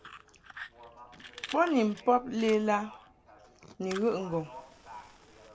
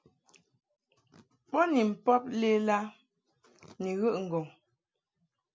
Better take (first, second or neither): second